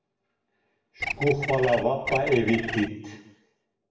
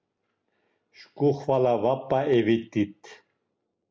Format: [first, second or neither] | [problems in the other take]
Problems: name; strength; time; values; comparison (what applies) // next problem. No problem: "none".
second | background sound (Bird); 4 dB below the speech // room echo; dies away in 1 s